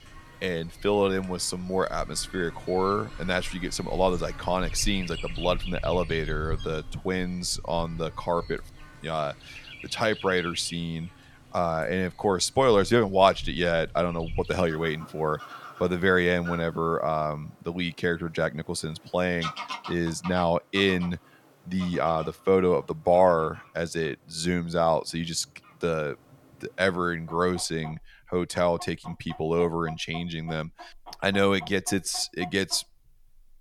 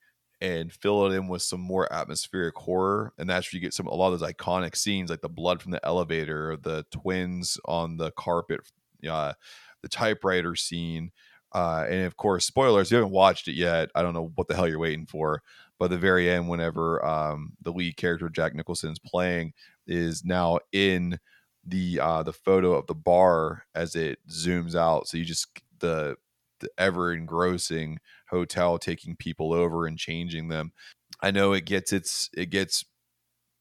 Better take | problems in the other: second | animal sounds; noticeable; throughout; 15 dB below the speech

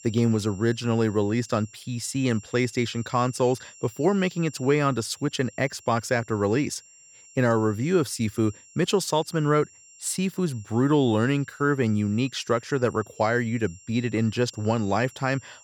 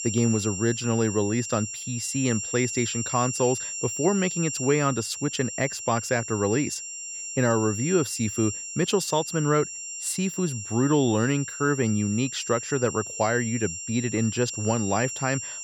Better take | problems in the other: first | high-pitched whine; loud; throughout; 7.5 kHz, 6 dB below the speech; faint in the first

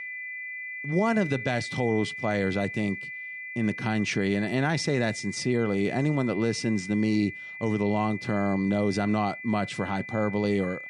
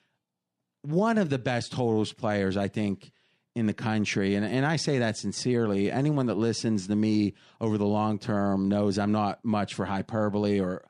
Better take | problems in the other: second | high-pitched whine; loud; throughout; 2 kHz, 9 dB below the speech

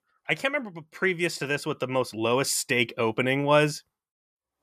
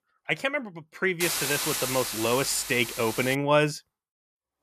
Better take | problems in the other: first | hiss; very faint; from 1 to 3.5 s; 4 dB below the speech

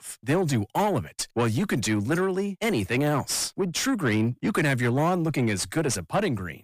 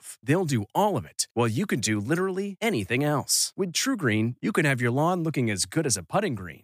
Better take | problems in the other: second | distortion; slight; 10 dB below the speech

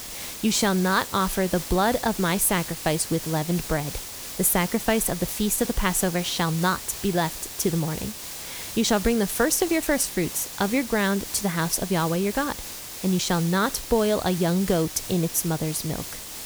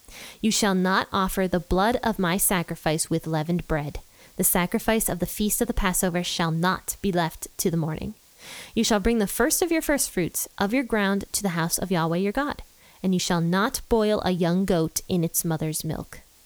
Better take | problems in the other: second | hiss; loud; throughout; 9 dB below the speech; faint in the second

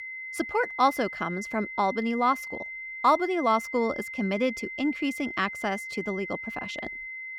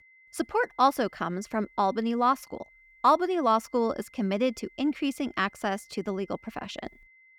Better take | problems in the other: second | high-pitched whine; loud; throughout; 2 kHz, 8 dB below the speech; faint in the second

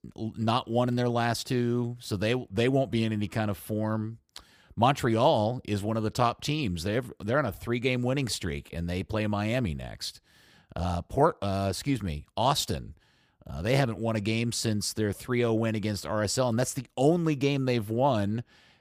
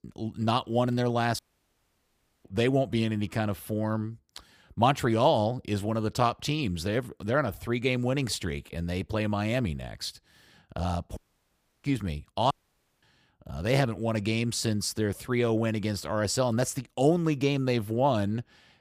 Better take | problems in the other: first | audio cutting out; at 1.5 s for 1 s, at 11 s for 0.5 s and at 13 s for 0.5 s

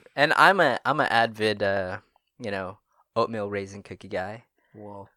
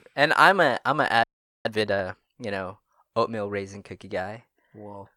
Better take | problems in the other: first | audio freezing; at 1 s

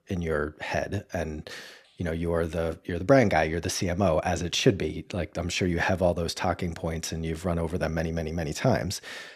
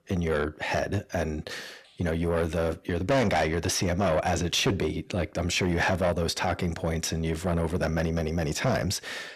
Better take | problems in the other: first | distortion; heavy; 7 dB below the speech

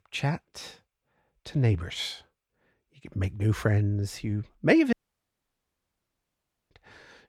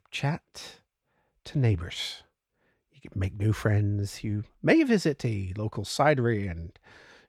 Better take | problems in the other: second | audio cutting out; at 5 s for 2 s

